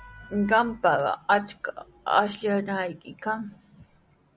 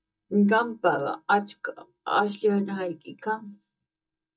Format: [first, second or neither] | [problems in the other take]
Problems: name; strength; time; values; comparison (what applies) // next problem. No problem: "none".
first | noise reduction (neural mask model DeepFilterNet 3)